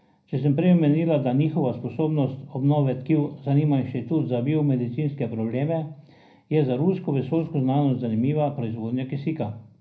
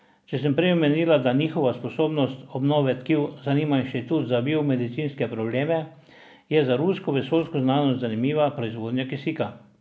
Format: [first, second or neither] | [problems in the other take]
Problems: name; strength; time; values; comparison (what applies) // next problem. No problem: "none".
second | room echo; dies away in 0.4 s